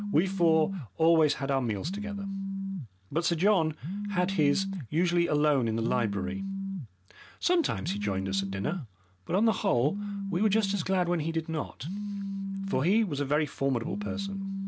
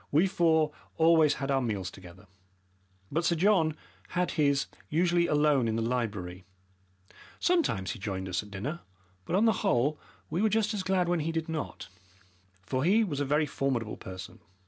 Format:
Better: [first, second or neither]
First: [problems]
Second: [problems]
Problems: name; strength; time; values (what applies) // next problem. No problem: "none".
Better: second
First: background sound (Telephone); 6 dB below the speech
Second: none